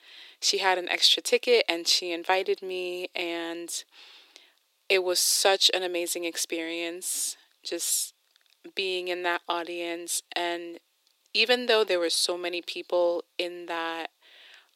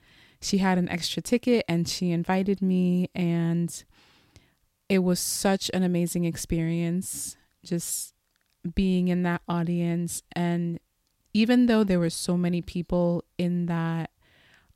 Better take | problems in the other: second | thin; very; fading below 350 Hz

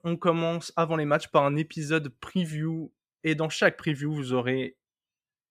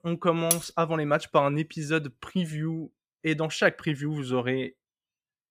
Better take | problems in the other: first | clattering dishes; very faint; at 0.5 s; peak level with the speech

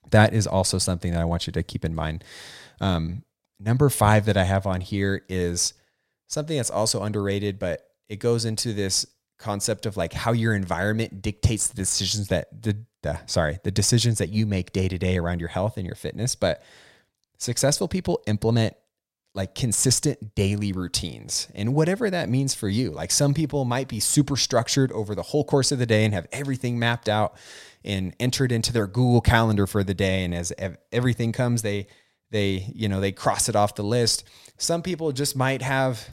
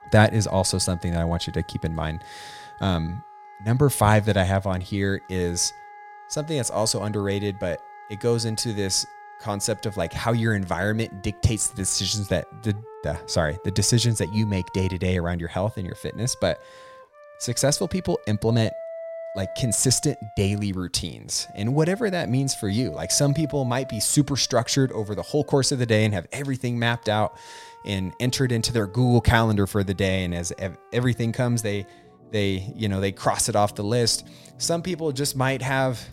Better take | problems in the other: first | background music; noticeable; throughout; 20 dB below the speech

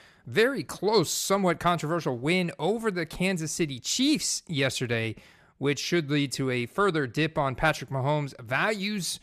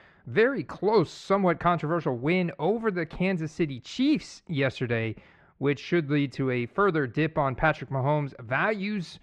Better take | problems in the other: first | muffled; very; fading above 2 kHz

